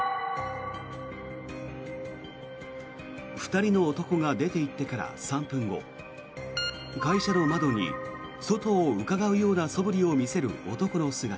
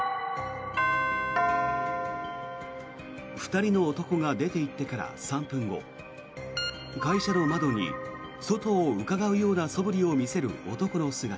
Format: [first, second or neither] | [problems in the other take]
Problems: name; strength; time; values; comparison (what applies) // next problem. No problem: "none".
first | background sound (Doorbell); as loud as the speech